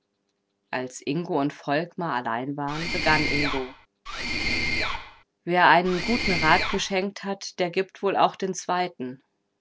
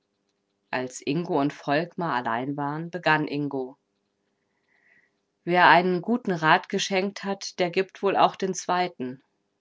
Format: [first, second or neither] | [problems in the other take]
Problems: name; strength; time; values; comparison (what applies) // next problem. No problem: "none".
second | background sound (Mechanisms); 1 dB below the speech